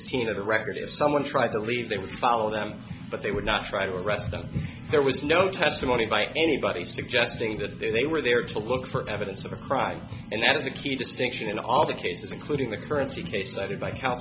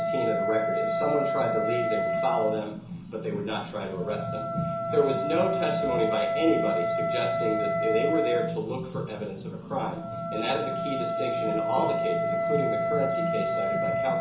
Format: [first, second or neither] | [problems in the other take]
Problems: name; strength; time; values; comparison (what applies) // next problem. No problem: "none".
first | background sound (Wind instrument, woodwind instrument); 1 dB above the speech // room echo; dies away in 0.7 s